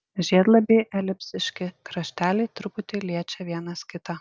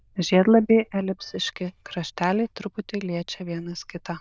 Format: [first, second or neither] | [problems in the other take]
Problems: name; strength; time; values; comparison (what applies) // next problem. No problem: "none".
first | noise reduction (neural diffusion model UNIVERSE++)